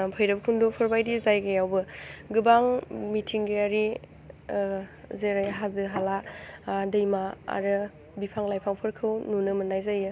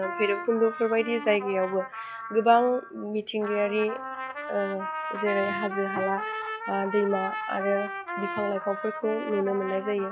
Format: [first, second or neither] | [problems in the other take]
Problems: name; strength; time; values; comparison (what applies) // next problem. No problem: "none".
first | noise reduction (classical method log-MMSE)